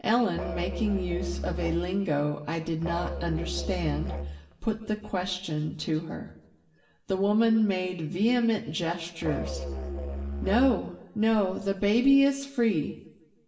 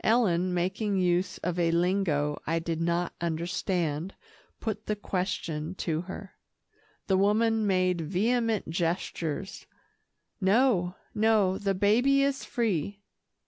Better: second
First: background sound (Musical instrument); 6 dB below the speech // room echo; dies away in 0.8 s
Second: none

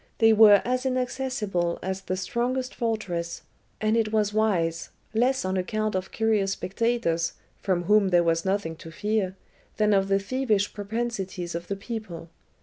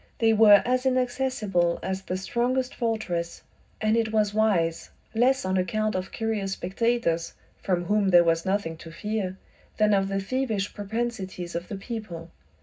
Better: first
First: none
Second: room echo; dies away in 0.4 s

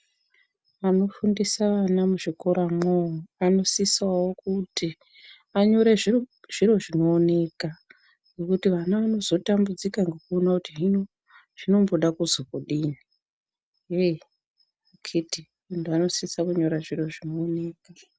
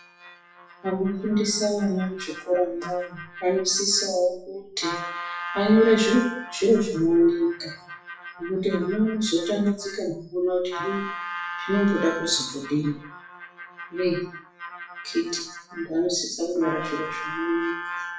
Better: first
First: none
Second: noise reduction (classical method WPE with log-MMSE)

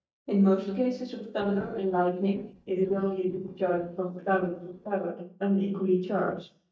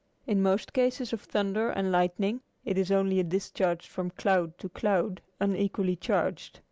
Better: second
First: noise reduction (neural mask model DeepFilterNet 3)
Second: none

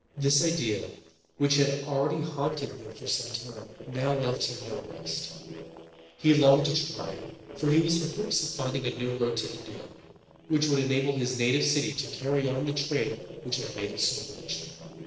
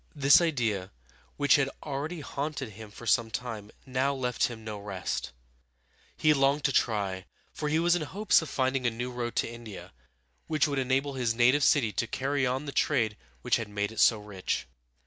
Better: second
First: noise reduction (neural separator model SepFormer DNS4)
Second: none

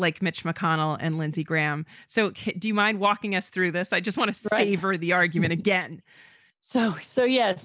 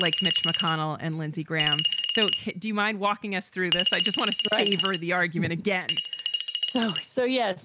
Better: first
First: none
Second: background sound (Chink, clink); 2 dB below the speech

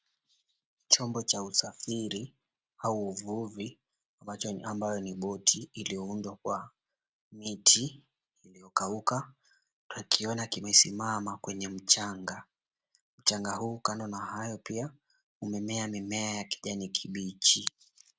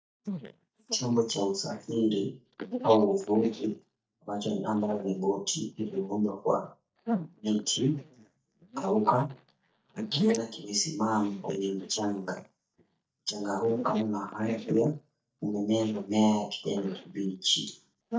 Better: first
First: none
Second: noise reduction (neural mask model DeepFilterNet 3)

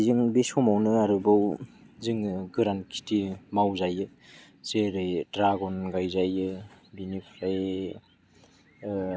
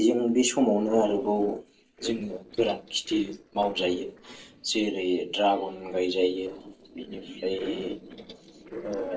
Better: first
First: none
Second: noise reduction (neural separator model SepFormer DNS4)

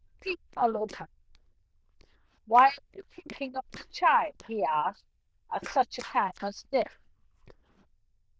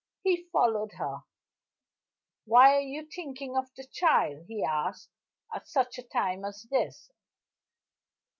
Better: second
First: noise reduction (neural diffusion model UNIVERSE++)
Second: none

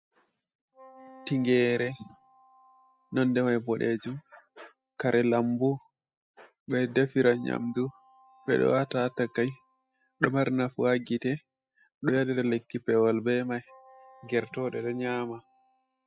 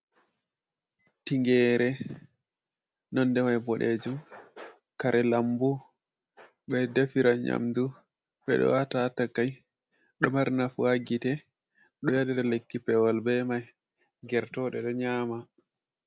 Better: second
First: noise reduction (classical method spectral subtraction)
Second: none

